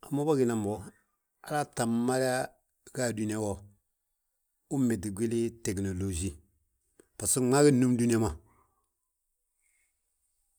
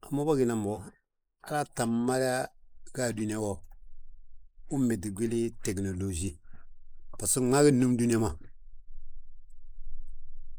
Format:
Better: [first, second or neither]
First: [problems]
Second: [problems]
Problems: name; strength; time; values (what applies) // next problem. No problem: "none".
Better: first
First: none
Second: noise reduction (neural mask model Resemble Enhance denoiser)